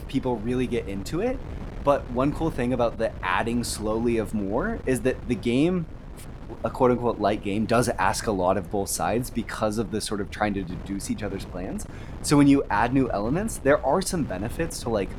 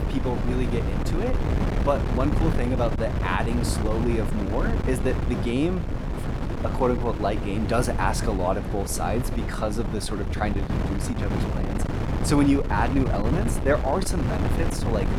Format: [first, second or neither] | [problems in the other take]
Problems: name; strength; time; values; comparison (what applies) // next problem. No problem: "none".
first | wind noise on the microphone; heavy; 5 dB below the speech; occasional gusts in the first